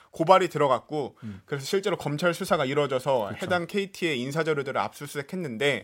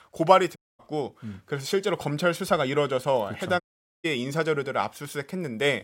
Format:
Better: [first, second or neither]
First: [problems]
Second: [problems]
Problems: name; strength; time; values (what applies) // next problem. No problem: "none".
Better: first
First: none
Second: audio cutting out; at 0.5 s and at 3.5 s